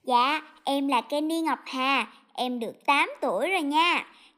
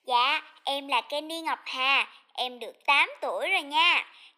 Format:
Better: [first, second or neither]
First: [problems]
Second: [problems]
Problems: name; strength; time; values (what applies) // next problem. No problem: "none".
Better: first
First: none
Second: thin; somewhat; fading below 600 Hz